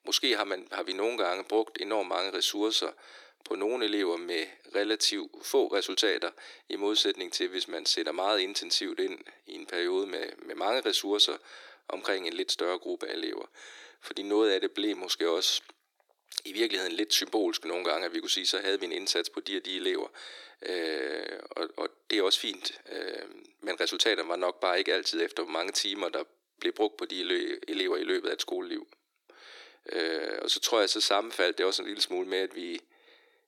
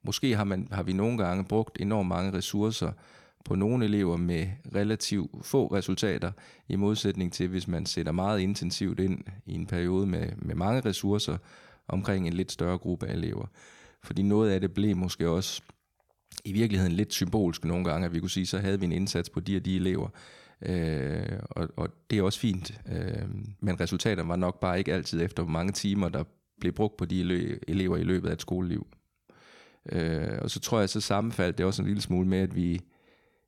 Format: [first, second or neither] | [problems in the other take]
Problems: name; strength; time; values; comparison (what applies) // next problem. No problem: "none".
second | thin; very; fading below 300 Hz